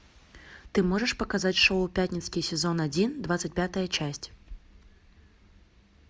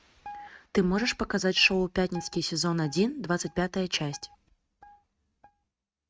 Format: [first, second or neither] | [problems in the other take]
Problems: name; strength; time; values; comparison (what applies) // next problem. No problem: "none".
first | noise reduction (neural mask model RNNoise)